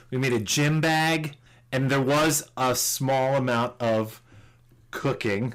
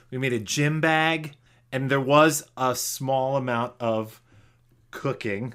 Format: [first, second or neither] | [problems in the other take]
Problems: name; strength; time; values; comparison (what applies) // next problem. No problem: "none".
second | distortion; heavy; 14% of the sound clipped